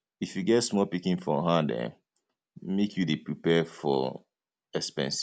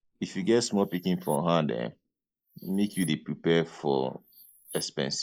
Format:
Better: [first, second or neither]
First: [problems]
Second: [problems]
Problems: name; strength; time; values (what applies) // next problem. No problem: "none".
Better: first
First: none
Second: noise reduction (neural mask model Resemble Enhance denoiser)